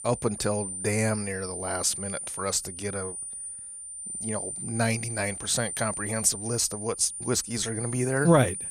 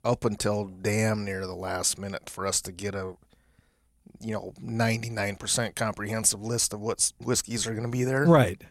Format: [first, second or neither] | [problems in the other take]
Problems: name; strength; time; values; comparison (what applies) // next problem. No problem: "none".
second | high-pitched whine; loud; throughout; 9 kHz, 6 dB below the speech